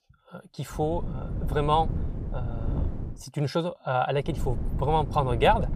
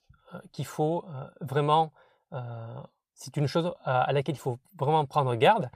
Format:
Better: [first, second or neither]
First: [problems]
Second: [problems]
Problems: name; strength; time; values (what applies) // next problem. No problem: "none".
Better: second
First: wind noise on the microphone; occasional gusts; from 1 to 3 s and from 4.5 s on; 15 dB below the speech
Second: none